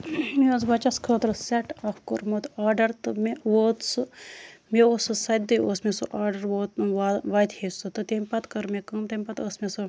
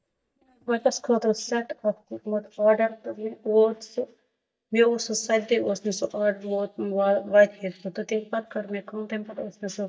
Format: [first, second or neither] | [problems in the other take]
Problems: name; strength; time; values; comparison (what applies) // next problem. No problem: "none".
first | noise reduction (neural mask model DeepFilterNet 3)